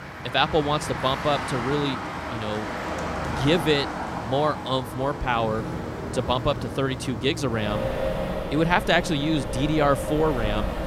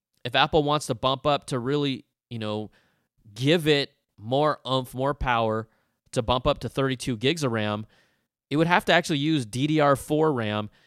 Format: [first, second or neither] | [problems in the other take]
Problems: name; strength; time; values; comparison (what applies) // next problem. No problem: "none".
second | traffic noise; loud; throughout; 5 dB below the speech